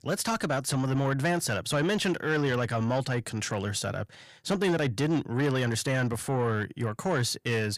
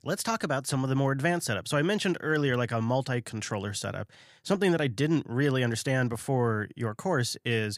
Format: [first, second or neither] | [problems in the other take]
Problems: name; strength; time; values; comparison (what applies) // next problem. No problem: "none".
second | distortion; slight; 10 dB below the speech